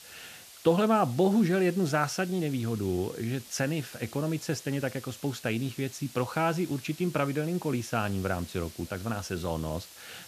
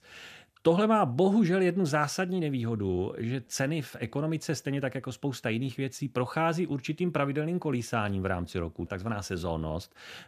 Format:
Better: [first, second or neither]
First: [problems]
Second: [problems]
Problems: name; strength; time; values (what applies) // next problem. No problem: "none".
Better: second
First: hiss; noticeable; throughout; 15 dB below the speech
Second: none